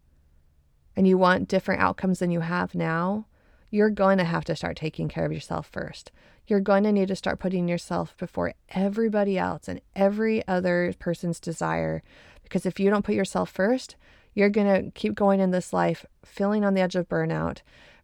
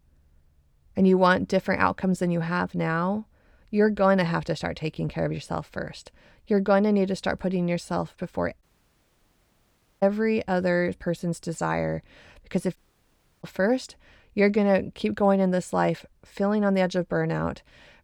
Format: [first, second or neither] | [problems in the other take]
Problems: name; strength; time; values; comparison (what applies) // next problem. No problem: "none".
first | audio cutting out; at 8.5 s for 1.5 s and at 13 s for 0.5 s